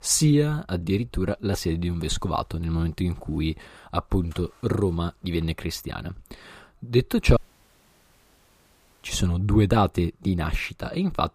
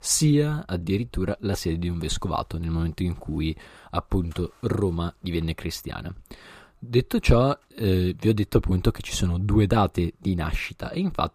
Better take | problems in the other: second | audio cutting out; at 7.5 s for 1.5 s

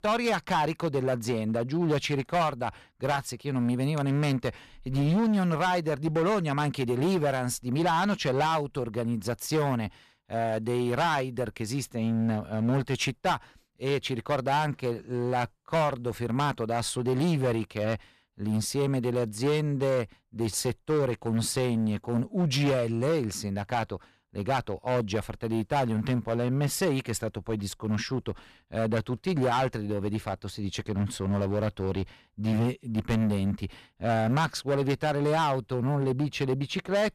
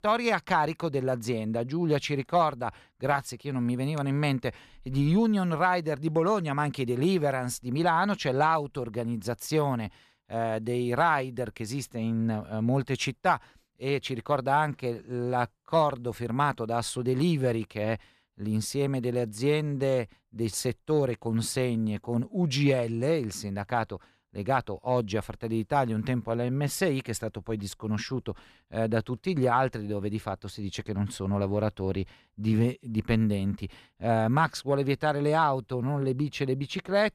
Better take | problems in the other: second | distortion; slight; 9% of the sound clipped

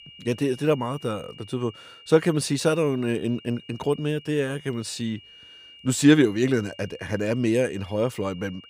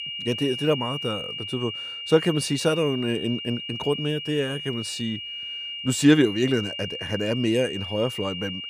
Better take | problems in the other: first | high-pitched whine; loud; throughout; 3 kHz, 6 dB below the speech; faint in the first

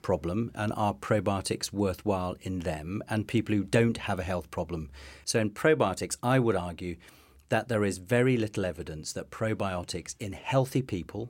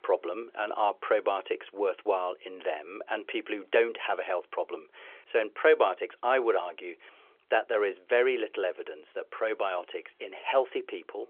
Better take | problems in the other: first | phone-call audio

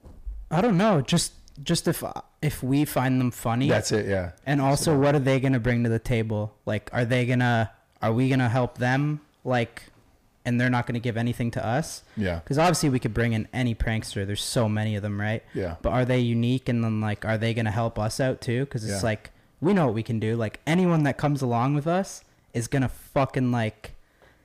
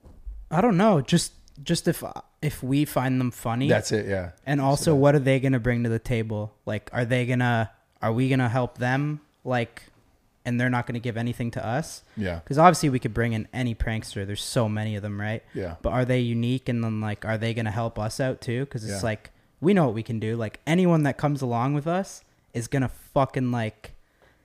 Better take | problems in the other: second | distortion; slight; 10 dB below the speech

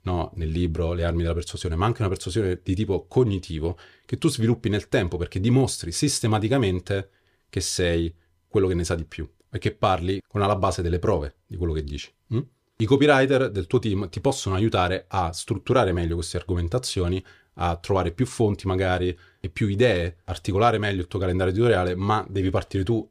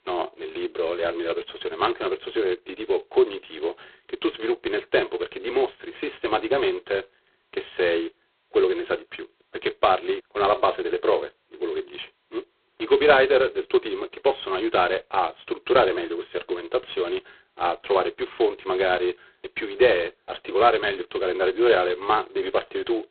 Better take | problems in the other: first | phone-call audio; poor line; nothing above 4 kHz

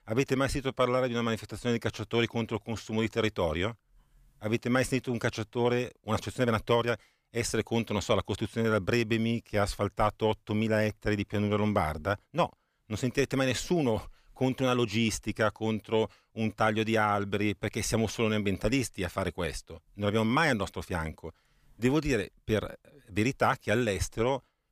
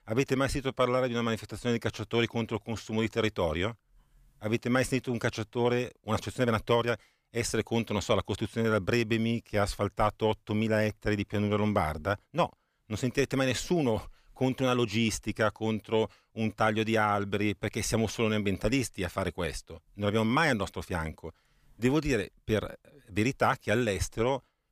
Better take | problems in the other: neither | none

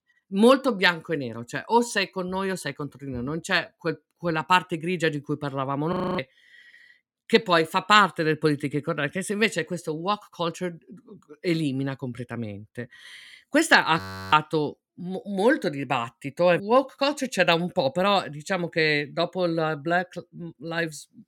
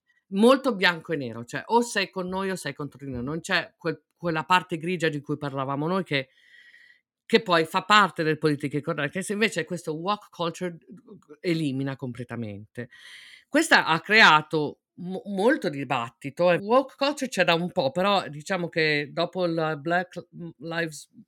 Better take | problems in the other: second | audio freezing; at 6 s and at 14 s

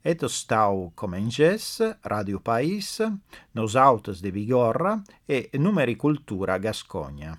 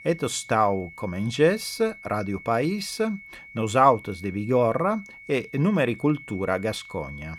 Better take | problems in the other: first | high-pitched whine; noticeable; throughout; 2 kHz, 15 dB below the speech

